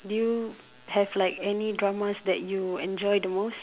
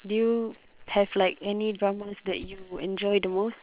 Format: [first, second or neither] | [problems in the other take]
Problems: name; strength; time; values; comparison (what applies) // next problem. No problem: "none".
first | noise reduction (neural separator model SepFormer WHAM!)